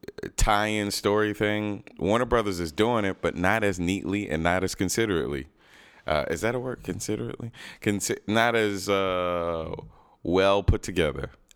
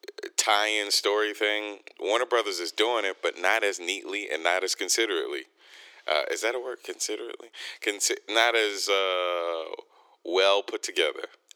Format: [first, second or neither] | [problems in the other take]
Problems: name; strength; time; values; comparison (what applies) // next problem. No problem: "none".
first | thin; very; fading below 350 Hz